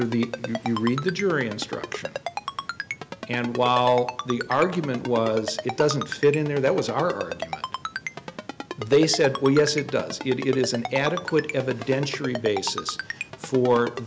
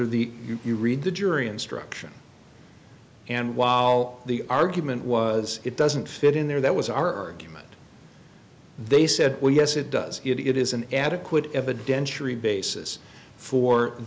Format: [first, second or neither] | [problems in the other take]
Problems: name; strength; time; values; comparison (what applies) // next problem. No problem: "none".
second | background sound (Ringtone); 9 dB below the speech